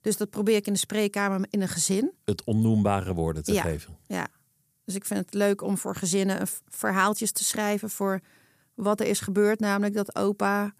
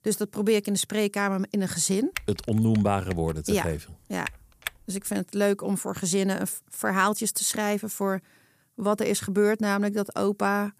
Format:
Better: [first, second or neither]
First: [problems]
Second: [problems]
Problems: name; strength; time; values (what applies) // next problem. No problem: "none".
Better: first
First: none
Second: keyboard typing; noticeable; from 2 to 5 s; peak 10 dB below the speech